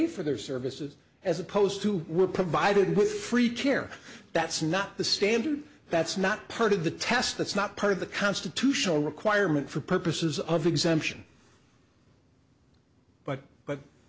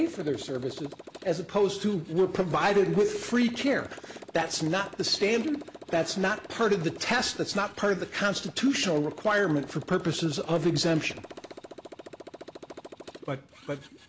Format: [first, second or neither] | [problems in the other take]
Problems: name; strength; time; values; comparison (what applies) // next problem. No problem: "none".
first | background sound (Motorcycle); 17 dB below the speech